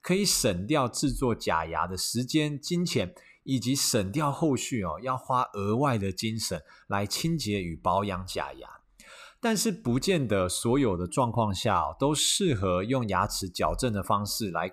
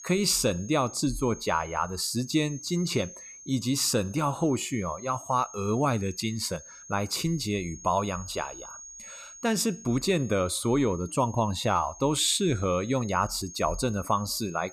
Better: first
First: none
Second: high-pitched whine; noticeable; throughout; 6.5 kHz, 15 dB below the speech

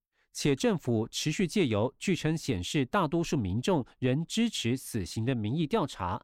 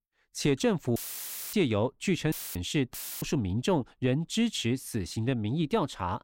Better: first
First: none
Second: audio cutting out; filled with static; at 1 s for 0.5 s, at 2.5 s and at 3 s

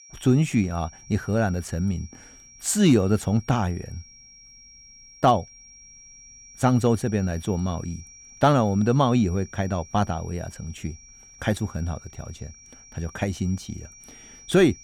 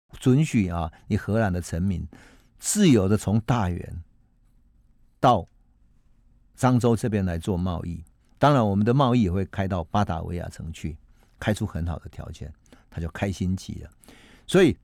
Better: second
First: high-pitched whine; faint; throughout; 5.5 kHz, 20 dB below the speech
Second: none

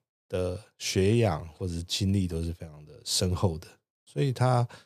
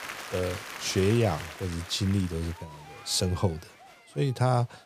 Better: first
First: none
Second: crowd noise; noticeable; throughout; 10 dB below the speech

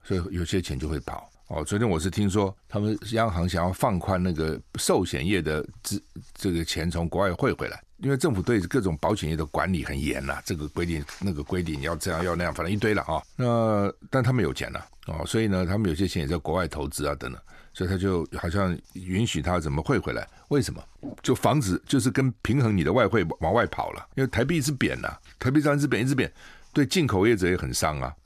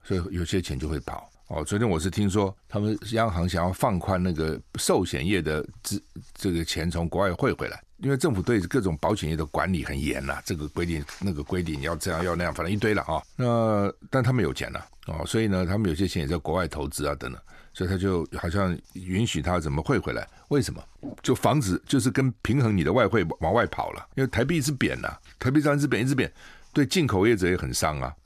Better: neither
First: none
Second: none

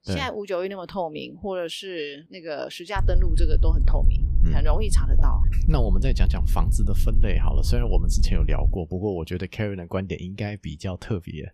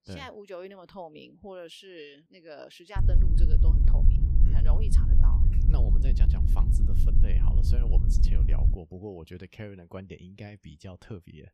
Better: first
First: wind noise on the microphone; occasional gusts; from 3 to 9 s; 10 dB below the speech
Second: wind noise on the microphone; heavy; from 3 to 9 s; as loud as the speech

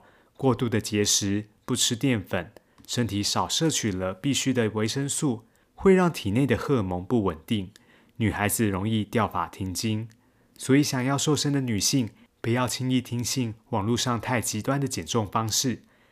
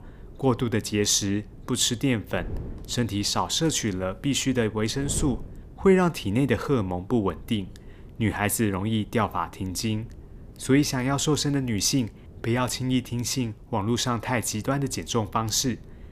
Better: first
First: none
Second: wind noise on the microphone; occasional gusts; 25 dB below the speech

